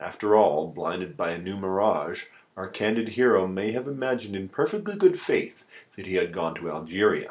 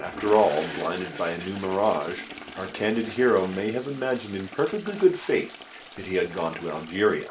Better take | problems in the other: first | background sound (Toilet flush); 15 dB below the speech

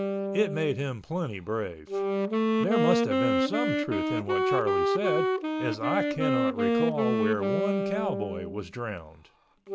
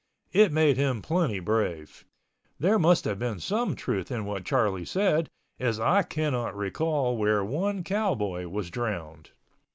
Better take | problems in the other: second | background sound (Wind instrument, woodwind instrument); 4 dB above the speech

